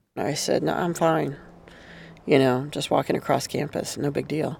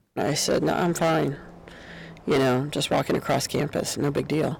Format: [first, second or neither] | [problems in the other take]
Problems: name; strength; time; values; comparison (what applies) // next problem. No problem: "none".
first | distortion; heavy; 8% of the sound clipped